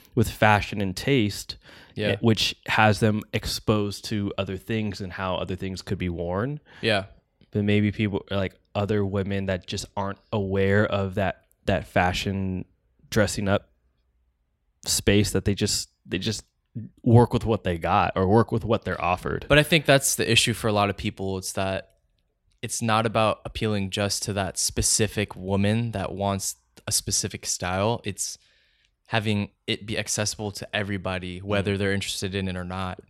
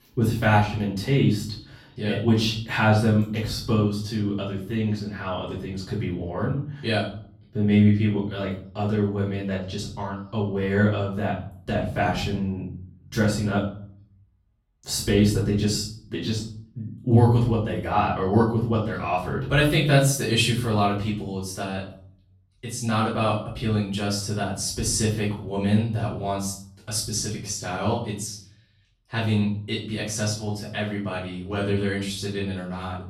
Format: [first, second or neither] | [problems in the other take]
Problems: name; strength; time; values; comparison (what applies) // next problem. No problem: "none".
first | room echo; noticeable; dies away in 0.5 s // off-mic speech; far